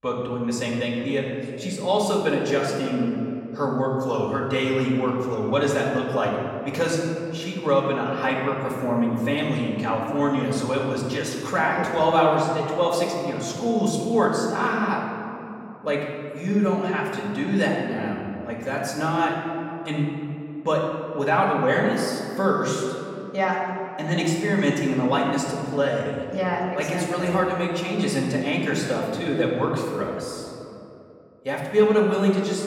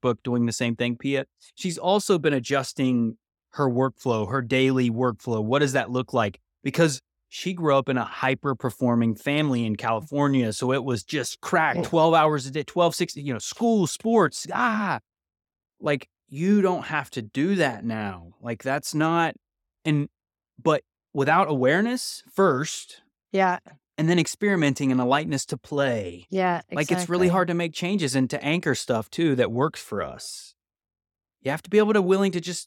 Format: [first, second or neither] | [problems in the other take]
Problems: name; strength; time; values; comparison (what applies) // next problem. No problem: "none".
second | room echo; noticeable; dies away in 2.3 s // off-mic speech; far